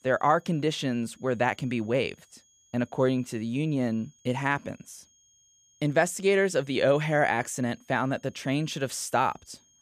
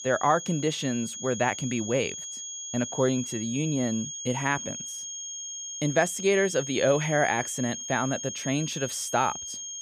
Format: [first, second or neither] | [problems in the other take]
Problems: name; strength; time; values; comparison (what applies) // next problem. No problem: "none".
first | high-pitched whine; loud; throughout; 6.5 kHz, 7 dB below the speech; faint in the first